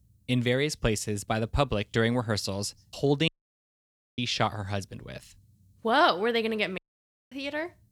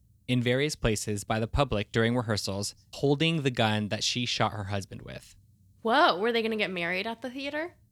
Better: second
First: audio cutting out; at 3.5 s for 1 s and at 7 s for 0.5 s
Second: none

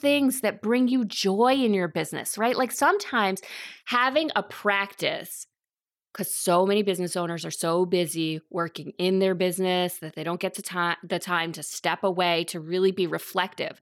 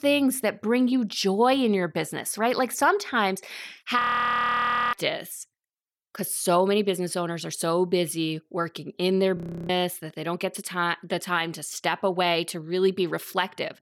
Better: first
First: none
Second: audio freezing; at 4 s for 1 s and at 9.5 s

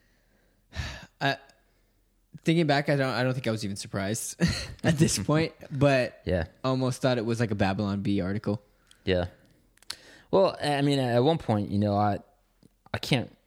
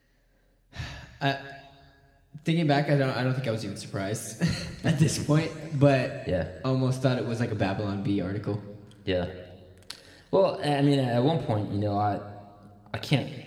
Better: first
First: none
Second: room echo; slight; dies away in 1.8 s

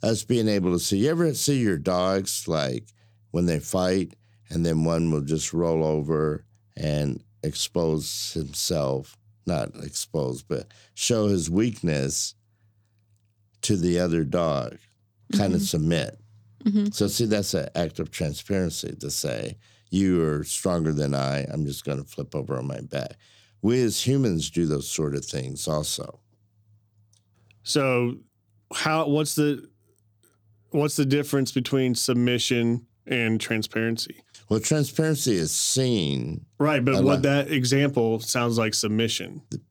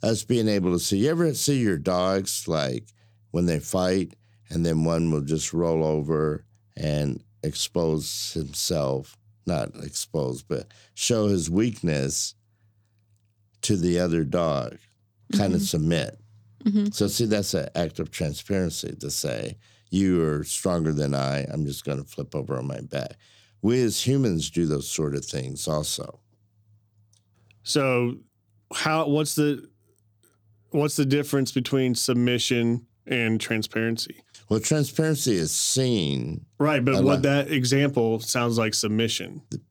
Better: neither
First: none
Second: none

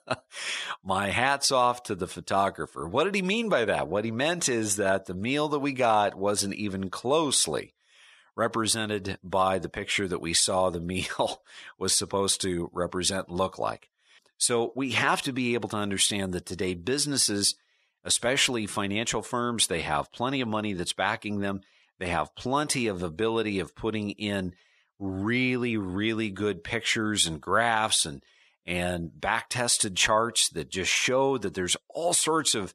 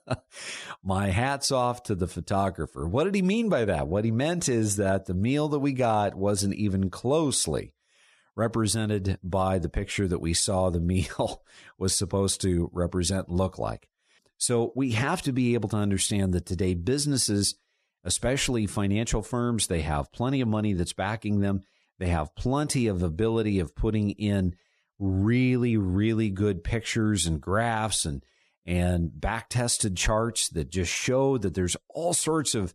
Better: second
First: thin; somewhat; fading below 800 Hz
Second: none

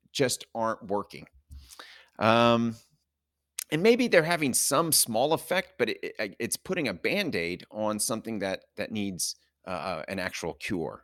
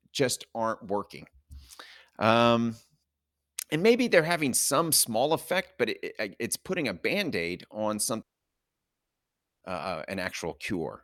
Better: first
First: none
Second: audio cutting out; at 8 s for 1.5 s

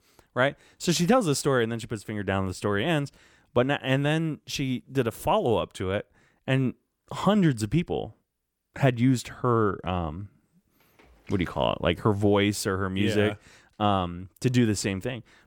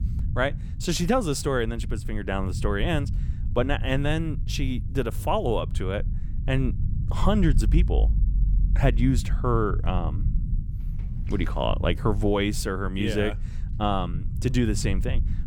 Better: first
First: none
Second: low rumble; noticeable; throughout; 15 dB below the speech

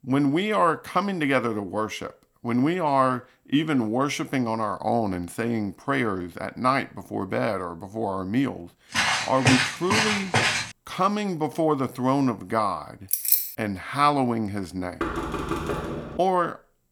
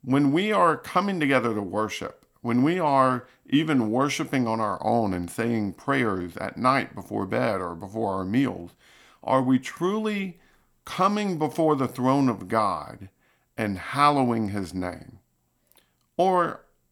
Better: second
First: footsteps; loud; from 9 to 11 s; peak 4 dB above the speech // jangling keys; loud; at 13 s; peak 5 dB above the speech // door banging; noticeable; from 15 to 16 s; peak 3 dB below the speech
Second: none

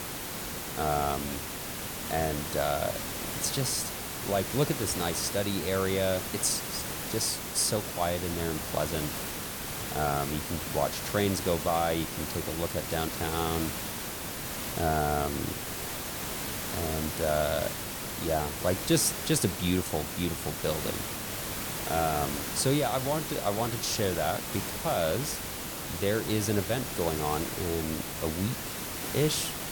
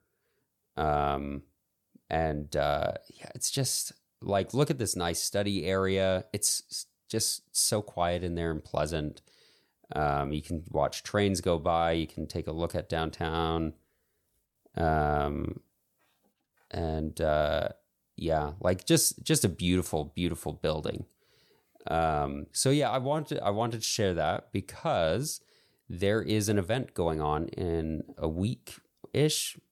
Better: second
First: hiss; loud; throughout; 3 dB below the speech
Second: none

